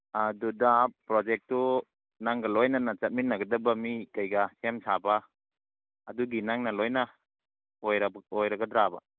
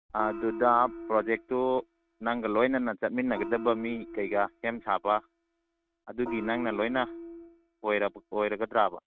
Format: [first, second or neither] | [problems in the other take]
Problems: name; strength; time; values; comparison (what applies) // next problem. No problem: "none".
first | noise reduction (neural mask model RNNoise)